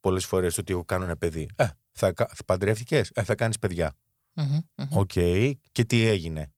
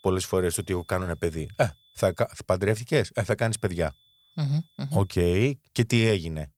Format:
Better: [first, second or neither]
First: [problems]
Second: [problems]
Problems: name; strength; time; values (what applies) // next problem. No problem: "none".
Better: first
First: none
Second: high-pitched whine; faint; until 2 s and from 3.5 to 5 s; 3.5 kHz, 35 dB below the speech